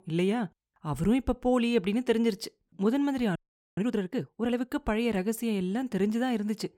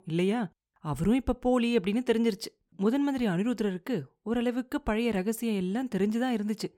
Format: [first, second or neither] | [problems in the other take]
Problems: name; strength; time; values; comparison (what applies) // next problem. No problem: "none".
second | audio freezing; at 3.5 s